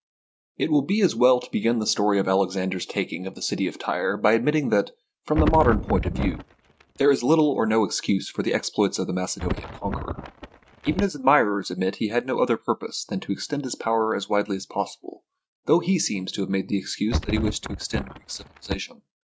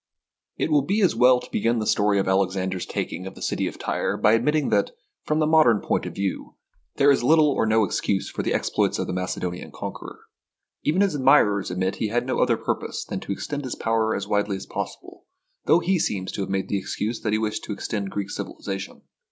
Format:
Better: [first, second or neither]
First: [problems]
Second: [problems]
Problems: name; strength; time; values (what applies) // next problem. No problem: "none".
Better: second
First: noise reduction (neural mask model RNNoise)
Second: none